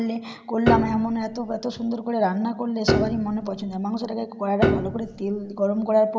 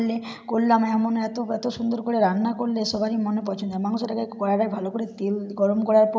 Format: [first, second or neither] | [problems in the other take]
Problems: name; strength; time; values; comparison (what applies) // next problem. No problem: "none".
second | background sound (Piano); 3 dB below the speech